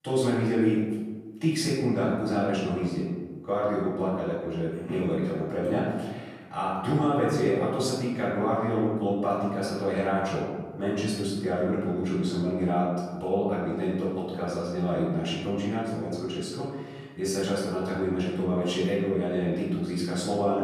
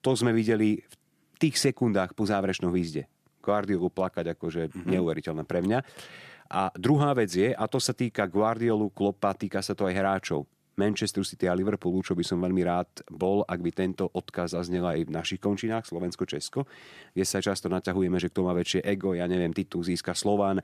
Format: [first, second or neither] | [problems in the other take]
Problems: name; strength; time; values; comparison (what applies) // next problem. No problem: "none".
second | off-mic speech; far // room echo; noticeable; dies away in 1.3 s